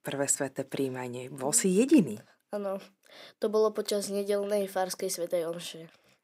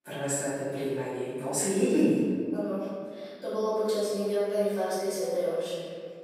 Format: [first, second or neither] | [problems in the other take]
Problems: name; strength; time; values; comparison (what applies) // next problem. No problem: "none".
first | off-mic speech; far // room echo; strong; dies away in 1.8 s